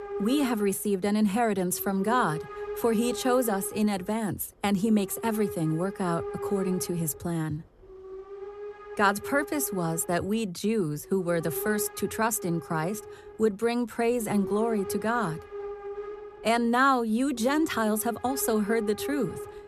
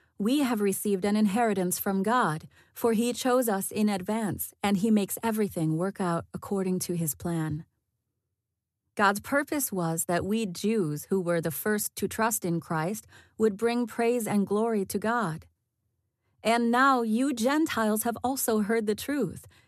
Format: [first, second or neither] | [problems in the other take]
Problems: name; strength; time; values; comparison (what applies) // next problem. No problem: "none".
second | hiss; noticeable; throughout; 10 dB below the speech